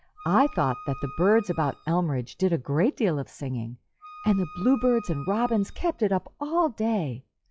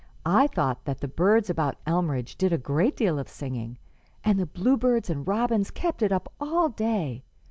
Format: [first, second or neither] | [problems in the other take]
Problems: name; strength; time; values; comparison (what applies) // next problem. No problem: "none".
second | noise reduction (classical method log-MMSE)